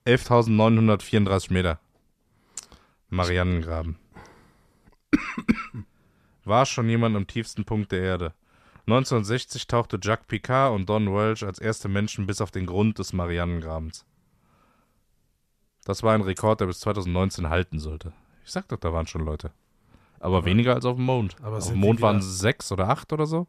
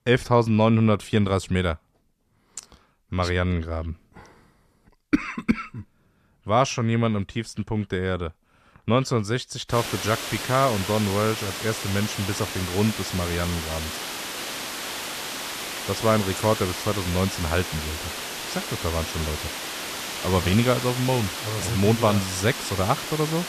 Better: first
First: none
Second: hiss; loud; from 9.5 s on; 5 dB below the speech

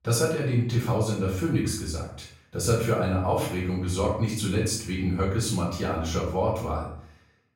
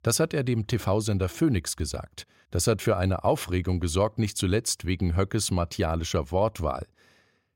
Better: second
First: off-mic speech; far // room echo; noticeable; dies away in 0.5 s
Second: none

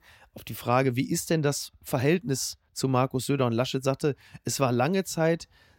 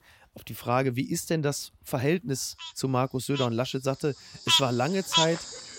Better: first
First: none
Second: animal sounds; very loud; throughout; 2 dB above the speech

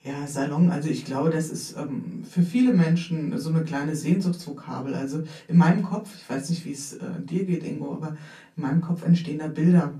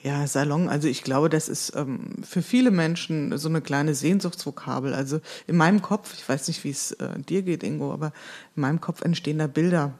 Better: second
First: off-mic speech; far // room echo; very slight; dies away in 0.2 s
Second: none

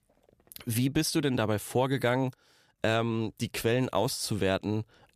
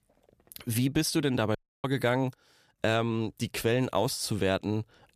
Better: first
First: none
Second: audio cutting out; at 1.5 s

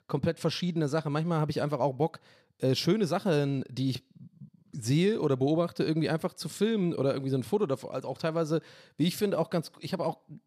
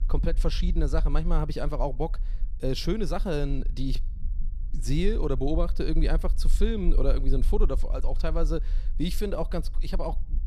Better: first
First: none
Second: low rumble; faint; throughout; 20 dB below the speech

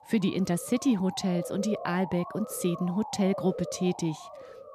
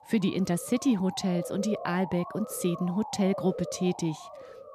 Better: neither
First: siren; noticeable; peak 8 dB below the speech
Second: siren; noticeable; peak 8 dB below the speech

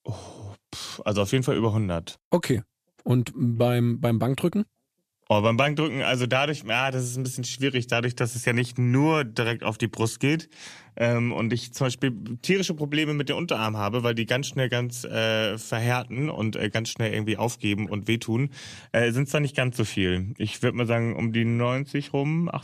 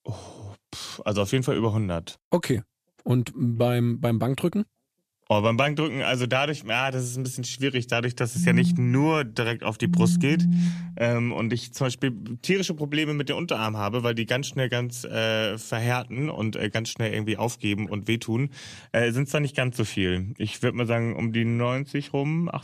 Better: first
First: none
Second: phone ringing; loud; from 8.5 to 11 s; peak 4 dB above the speech

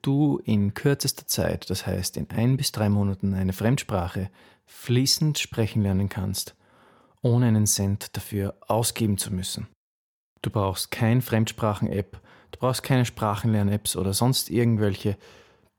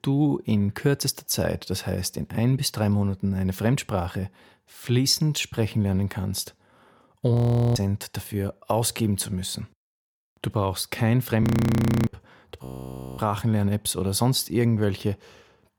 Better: first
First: none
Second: audio freezing; at 7.5 s, at 11 s for 0.5 s and at 13 s for 0.5 s

